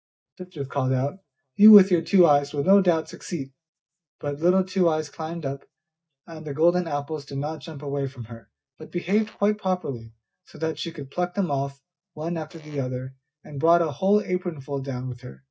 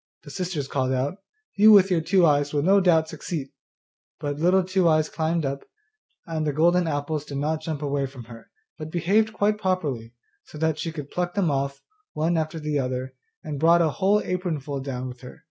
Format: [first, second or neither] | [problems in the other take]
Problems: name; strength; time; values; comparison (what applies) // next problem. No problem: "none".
second | noise reduction (neural mask model DeepFilterNet 3)